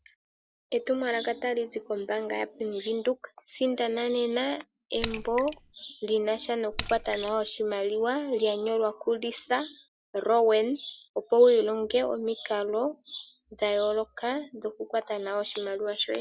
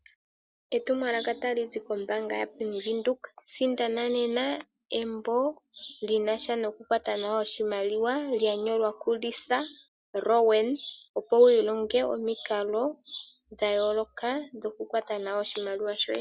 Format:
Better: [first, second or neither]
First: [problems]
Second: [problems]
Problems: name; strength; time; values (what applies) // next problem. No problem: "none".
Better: second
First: background sound (Raindrop / Splash, splatter); 10 dB below the speech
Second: none